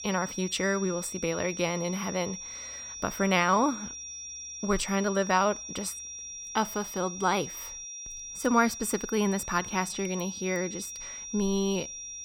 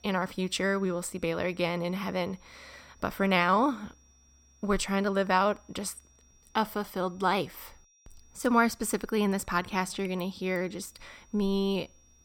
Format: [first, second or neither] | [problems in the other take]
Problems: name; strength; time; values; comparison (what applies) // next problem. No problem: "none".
second | high-pitched whine; loud; throughout; 5.5 kHz, 9 dB below the speech; faint in the second